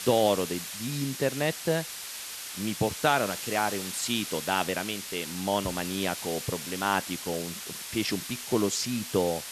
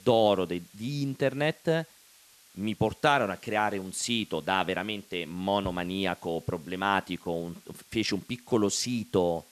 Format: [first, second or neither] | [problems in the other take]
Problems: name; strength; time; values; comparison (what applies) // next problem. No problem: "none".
second | hiss; loud; throughout; 6 dB below the speech; faint in the second